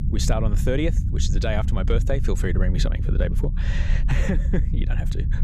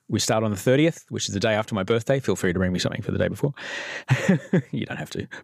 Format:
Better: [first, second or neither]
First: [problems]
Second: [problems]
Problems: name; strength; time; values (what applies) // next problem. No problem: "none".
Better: second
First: low rumble; loud; throughout; 10 dB below the speech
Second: none